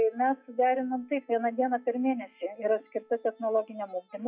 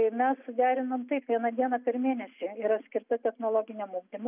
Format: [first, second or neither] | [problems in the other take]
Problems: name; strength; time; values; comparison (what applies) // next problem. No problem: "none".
second | noise reduction (classical method log-MMSE)